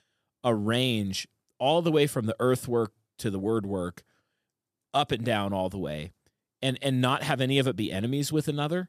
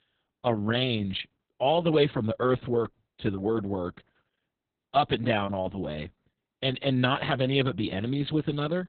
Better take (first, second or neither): first